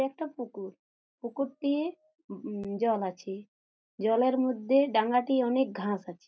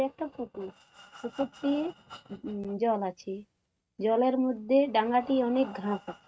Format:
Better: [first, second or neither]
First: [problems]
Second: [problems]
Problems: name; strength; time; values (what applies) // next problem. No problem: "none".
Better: first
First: none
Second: noise reduction (neural mask model RNNoise)